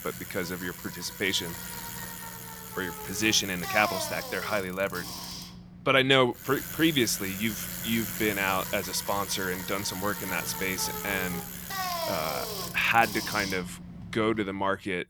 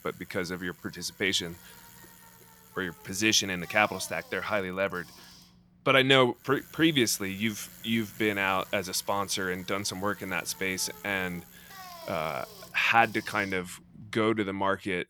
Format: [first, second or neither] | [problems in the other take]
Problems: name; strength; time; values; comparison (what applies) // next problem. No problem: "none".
second | traffic noise; loud; throughout; 7 dB below the speech; faint in the second